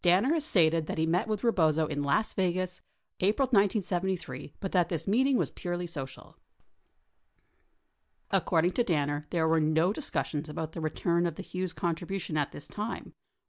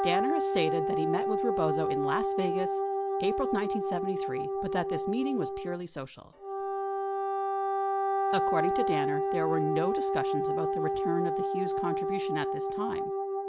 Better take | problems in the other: first | background sound (Wind instrument, woodwind instrument); 4 dB above the speech

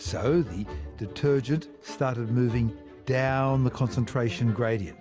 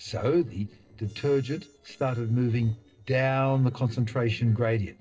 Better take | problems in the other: first | noise reduction (neural separator model SepFormer DNS4)

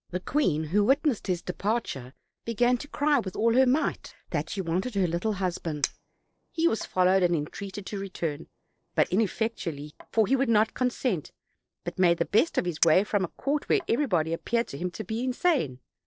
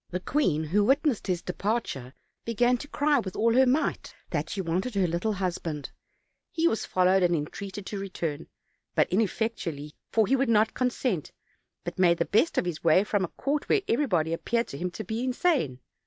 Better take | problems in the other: second | noise reduction (neural separator model SepFormer DNS4)

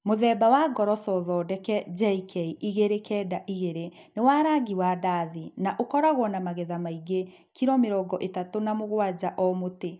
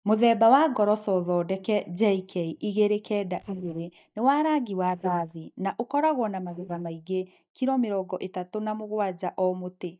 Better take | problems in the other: first | noise reduction (neural mask model DeepFilterNet 3)

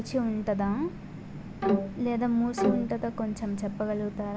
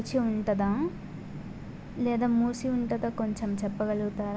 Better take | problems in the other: second | background sound (Bowed string instrument); as loud as the speech

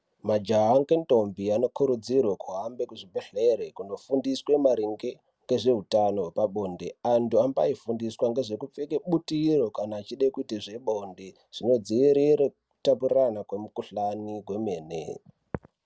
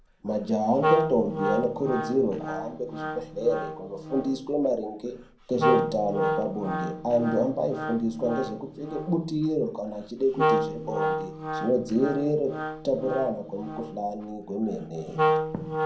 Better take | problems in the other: first | background sound (Wind instrument, woodwind instrument); 3 dB below the speech // room echo; dies away in 0.5 s

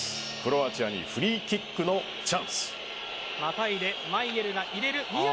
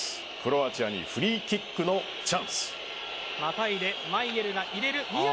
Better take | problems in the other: second | background sound (Percussion); 18 dB below the speech

